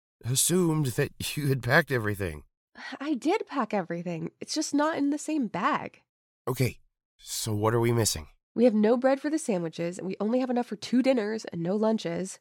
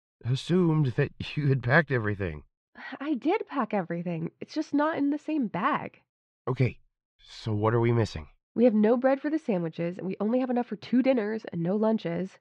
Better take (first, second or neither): first